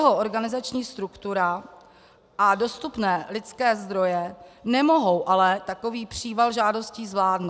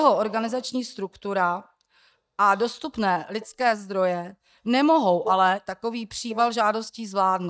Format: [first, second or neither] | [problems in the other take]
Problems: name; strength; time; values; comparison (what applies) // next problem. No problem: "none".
first | noise reduction (neural mask model DeepFilterNet 3)